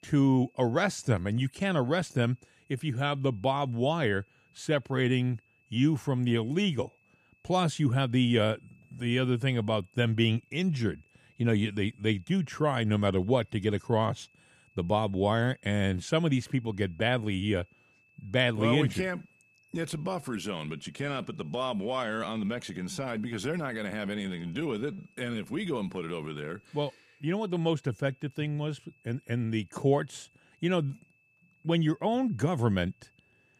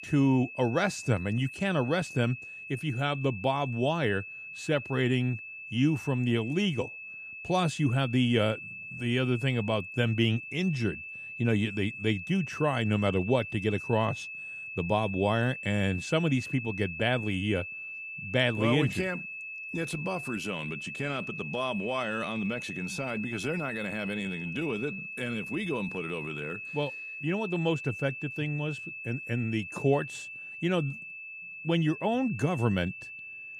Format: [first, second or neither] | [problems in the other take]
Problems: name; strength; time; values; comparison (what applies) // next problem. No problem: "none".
first | high-pitched whine; loud; throughout; 2.5 kHz, 9 dB below the speech; faint in the first